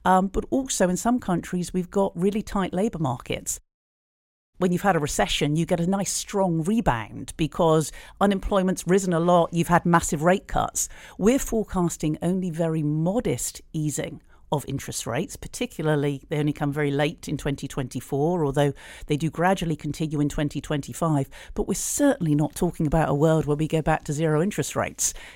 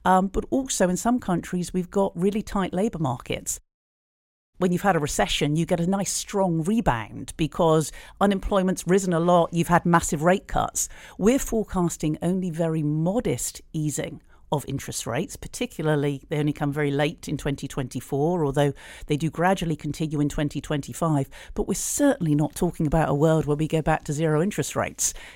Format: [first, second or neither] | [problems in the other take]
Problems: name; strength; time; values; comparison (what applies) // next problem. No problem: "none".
neither | audio cutting out; at 3.5 s for 1 s; the same in both